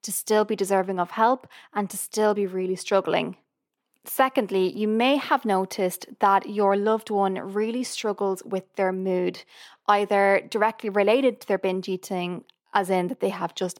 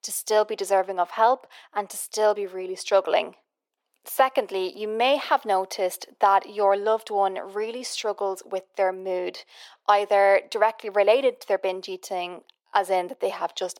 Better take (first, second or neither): first